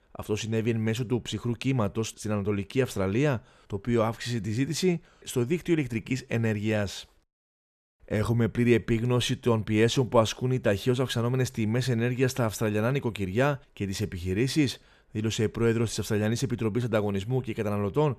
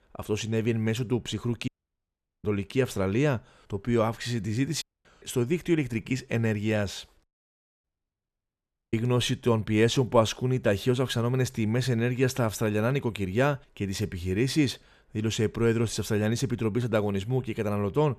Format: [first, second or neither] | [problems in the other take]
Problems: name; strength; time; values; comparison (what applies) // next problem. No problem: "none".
first | audio cutting out; at 1.5 s for 1 s, at 5 s and at 8 s for 1 s